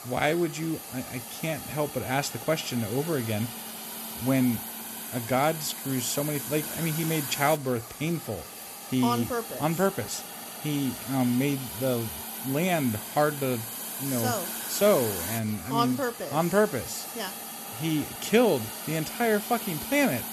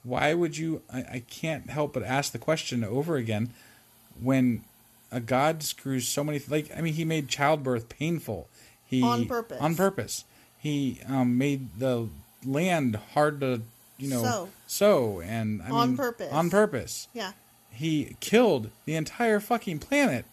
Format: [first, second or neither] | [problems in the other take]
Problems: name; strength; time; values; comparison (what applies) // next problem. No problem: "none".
second | hiss; loud; throughout; 7 dB below the speech; faint in the second